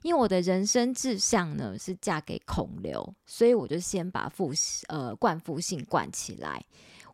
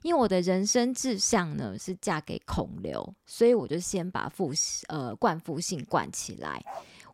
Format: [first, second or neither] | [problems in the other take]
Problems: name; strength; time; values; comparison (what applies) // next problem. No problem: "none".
first | dog barking; faint; at 6.5 s; peak 15 dB below the speech